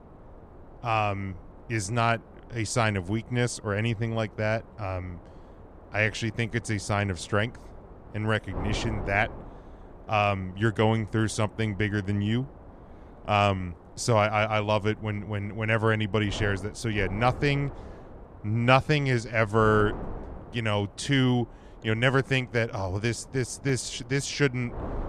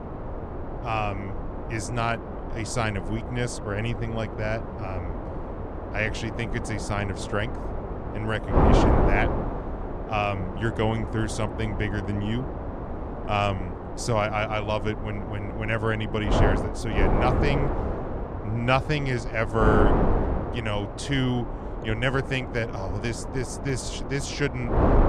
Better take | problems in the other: first | wind noise on the microphone; heavy; 3 dB below the speech; occasional gusts in the first

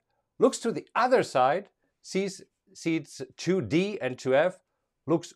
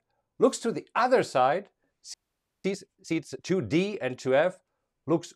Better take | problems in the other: first | audio freezing; at 2 s for 0.5 s

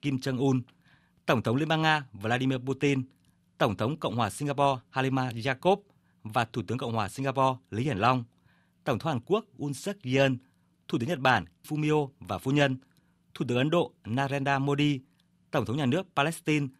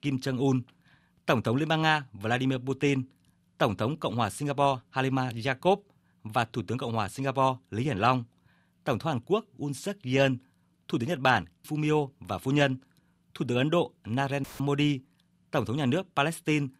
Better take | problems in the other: first | audio cutting out; filled with static; at 14 s

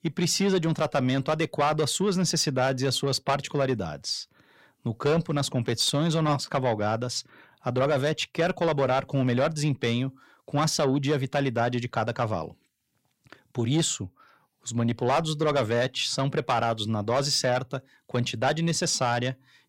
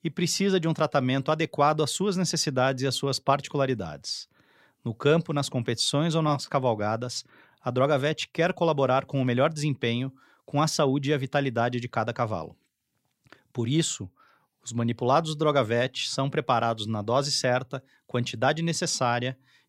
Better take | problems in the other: second | distortion; slight; 10 dB below the speech

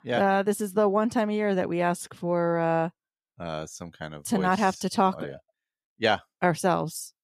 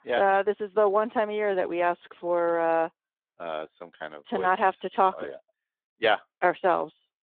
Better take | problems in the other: first | phone-call audio

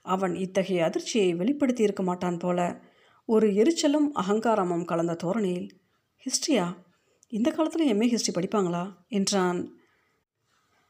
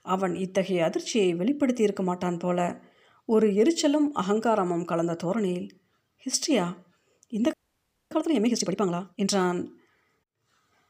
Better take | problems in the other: first | audio freezing; at 7.5 s for 0.5 s

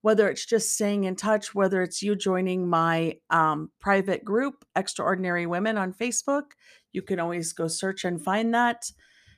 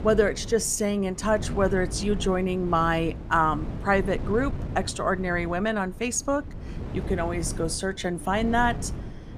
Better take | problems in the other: first | wind noise on the microphone; occasional gusts; 15 dB below the speech

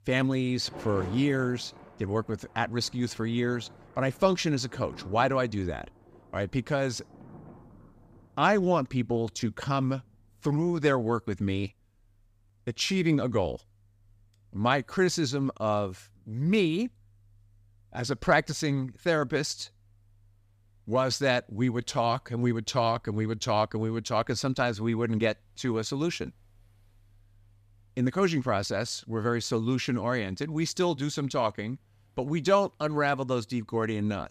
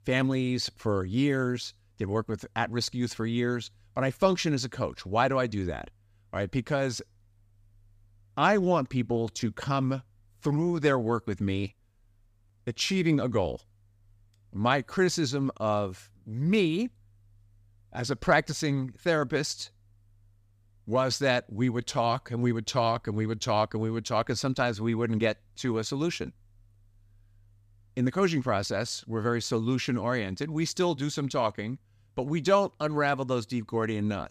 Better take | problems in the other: second | rain or running water; faint; throughout; 20 dB below the speech

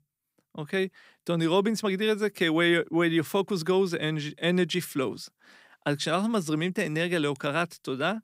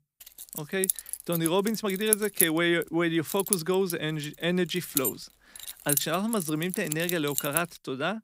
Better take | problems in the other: first | jangling keys; loud; from 0.5 to 7.5 s; peak 5 dB above the speech

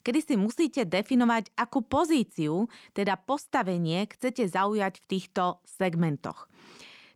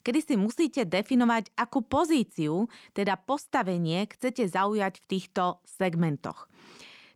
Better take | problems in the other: neither | none

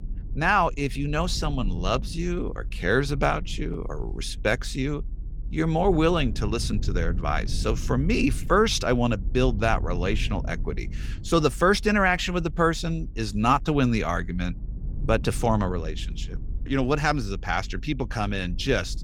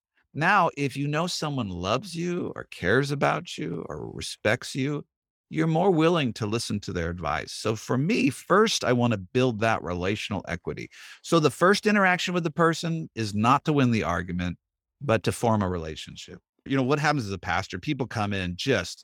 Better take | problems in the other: second | low rumble; faint; throughout; 25 dB below the speech

